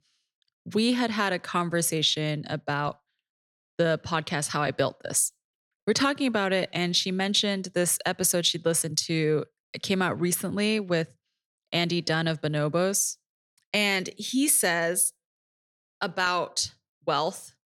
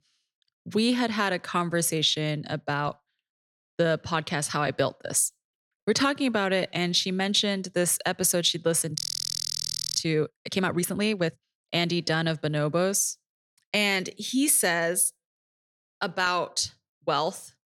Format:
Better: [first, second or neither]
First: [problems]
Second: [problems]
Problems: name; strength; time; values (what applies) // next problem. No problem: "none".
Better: first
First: none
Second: audio freezing; at 9 s for 1 s